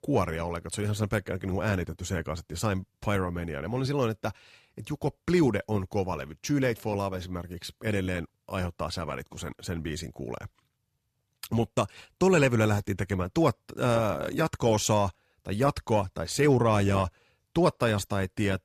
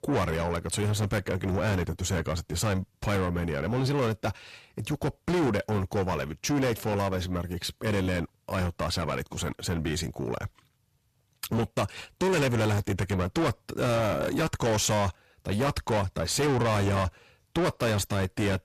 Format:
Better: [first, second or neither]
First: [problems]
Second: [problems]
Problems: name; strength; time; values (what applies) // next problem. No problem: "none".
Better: first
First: none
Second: distortion; heavy; 6 dB below the speech